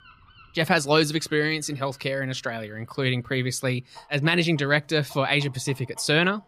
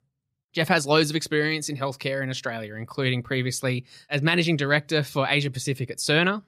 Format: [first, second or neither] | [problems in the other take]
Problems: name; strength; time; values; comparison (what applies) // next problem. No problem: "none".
second | animal sounds; faint; throughout; 30 dB below the speech